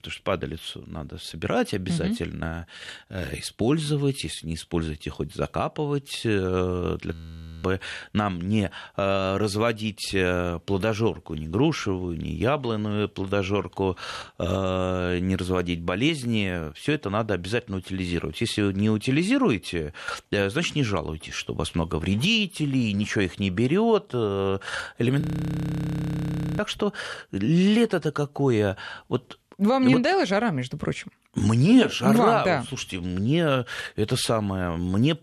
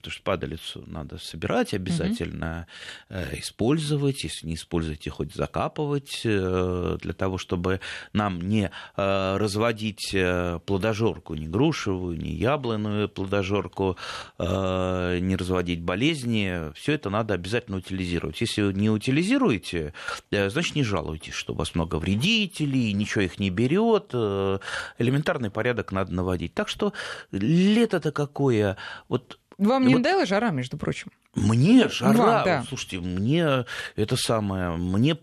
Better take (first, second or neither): second